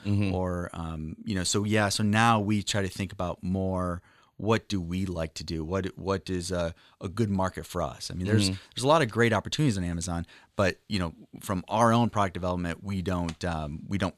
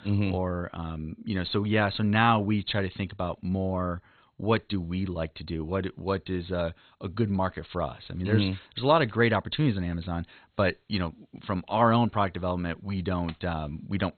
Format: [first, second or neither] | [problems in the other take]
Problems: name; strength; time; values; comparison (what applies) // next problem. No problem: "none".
first | garbled, watery; badly; nothing above 4 kHz